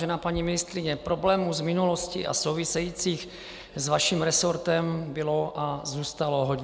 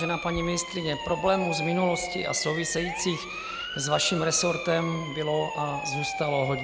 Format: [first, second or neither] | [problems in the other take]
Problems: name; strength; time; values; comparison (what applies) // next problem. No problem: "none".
first | background sound (Siren); 7 dB below the speech